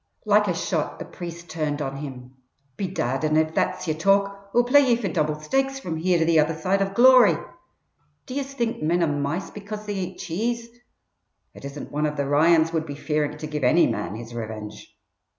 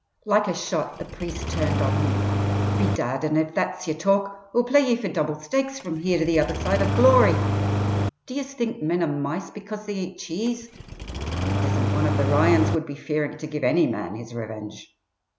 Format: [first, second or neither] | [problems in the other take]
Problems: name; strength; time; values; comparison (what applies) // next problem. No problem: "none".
first | background sound (Engine starting); as loud as the speech